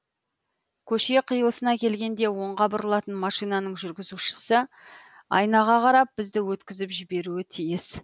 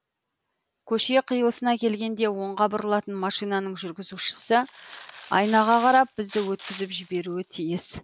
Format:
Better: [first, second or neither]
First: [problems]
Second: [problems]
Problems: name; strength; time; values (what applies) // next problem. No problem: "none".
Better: first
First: none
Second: background sound (Tearing); 19 dB below the speech